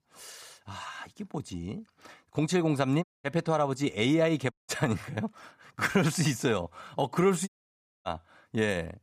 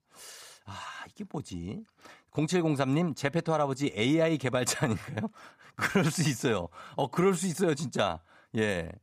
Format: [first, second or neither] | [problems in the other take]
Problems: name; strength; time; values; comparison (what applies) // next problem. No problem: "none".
second | audio cutting out; at 3 s, at 4.5 s and at 7.5 s for 0.5 s